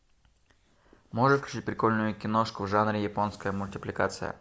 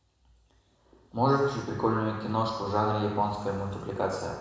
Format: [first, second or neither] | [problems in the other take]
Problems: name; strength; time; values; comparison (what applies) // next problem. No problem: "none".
first | room echo; dies away in 1 s